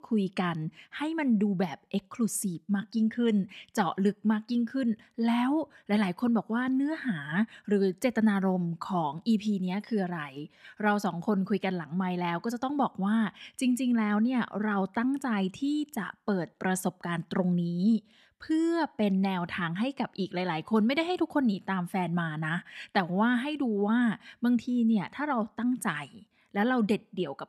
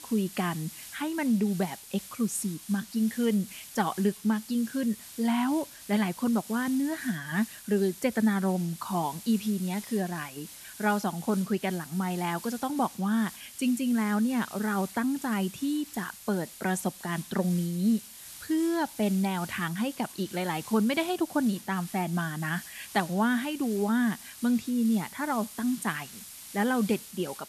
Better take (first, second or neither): first